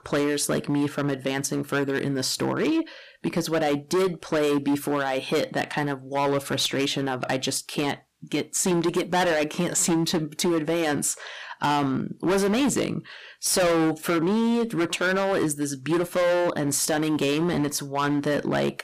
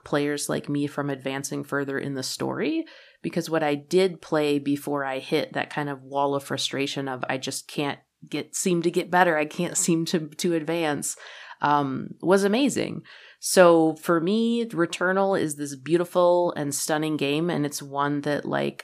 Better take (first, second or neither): second